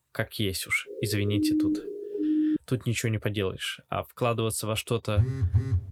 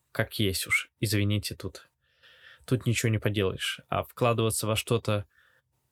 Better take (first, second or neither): second